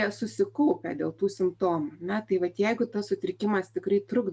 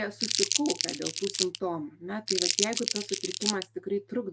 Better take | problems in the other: first | background sound (Crumpling, crinkling); 1 dB above the speech

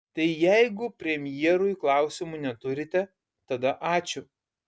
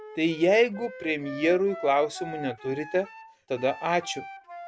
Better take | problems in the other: first | background sound (Wind instrument, woodwind instrument); 14 dB below the speech

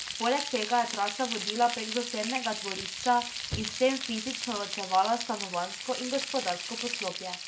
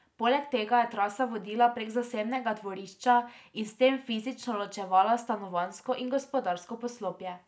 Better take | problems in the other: second | background sound (Frying (food)); 6 dB below the speech

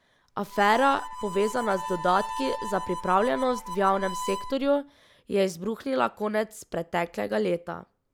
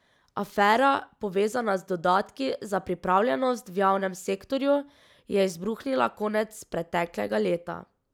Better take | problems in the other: second | background sound (Harmonica); 11 dB below the speech

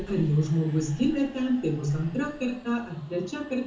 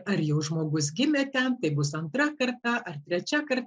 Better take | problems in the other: second | background sound (Subway, metro, underground); 19 dB below the speech // room echo; dies away in 0.6 s

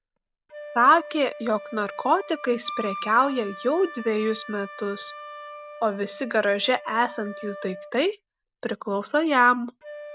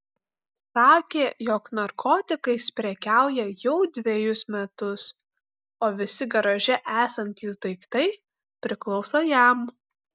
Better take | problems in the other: second | background sound (Wind instrument, woodwind instrument); 15 dB below the speech

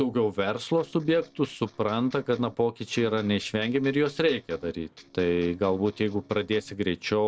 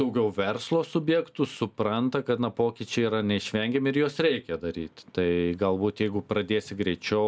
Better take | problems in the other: second | noise reduction (neural separator model SepFormer DNS4)

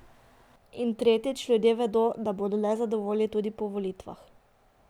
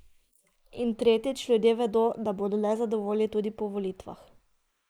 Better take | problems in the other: first | noise reduction (neural mask model Resemble Enhance denoiser)

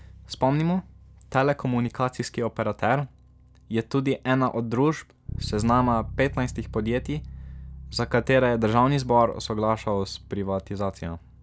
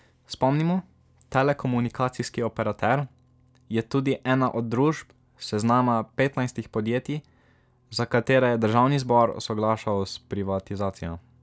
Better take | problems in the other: second | background sound (Bass guitar); 15 dB below the speech

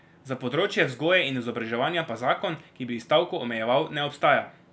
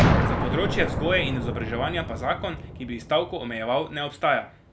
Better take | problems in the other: first | background sound (Boom); as loud as the speech

